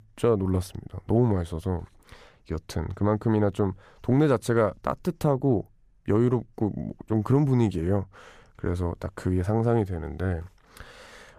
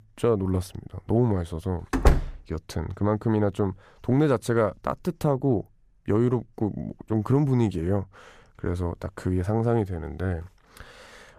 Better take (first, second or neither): first